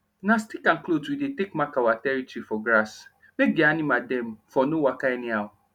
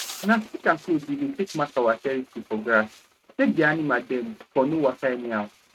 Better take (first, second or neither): first